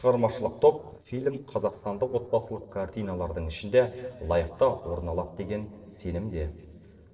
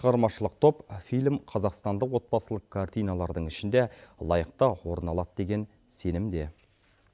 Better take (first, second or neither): second